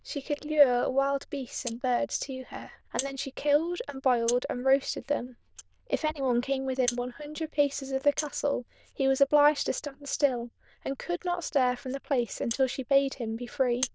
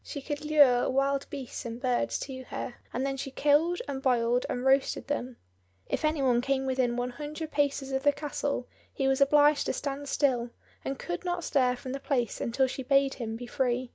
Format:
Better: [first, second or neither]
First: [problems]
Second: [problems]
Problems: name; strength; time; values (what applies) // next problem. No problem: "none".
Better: second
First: noise reduction (neural diffusion model UNIVERSE++)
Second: none